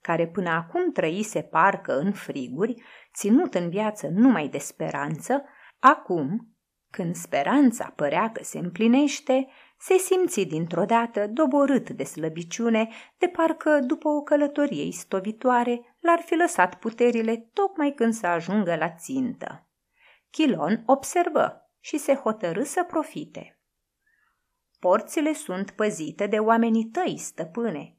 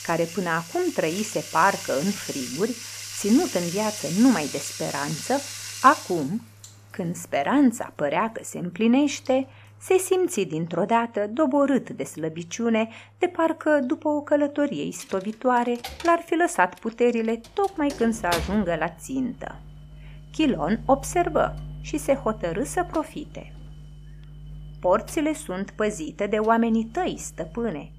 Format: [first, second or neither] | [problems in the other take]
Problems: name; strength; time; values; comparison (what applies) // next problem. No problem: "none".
first | household noises; noticeable; throughout; 10 dB below the speech